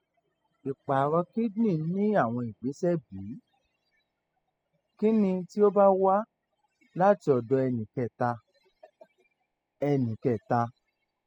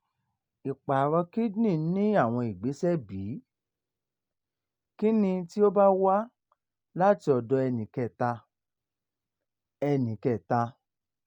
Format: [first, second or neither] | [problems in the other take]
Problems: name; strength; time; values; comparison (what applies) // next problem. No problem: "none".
second | noise reduction (classical method spectral subtraction)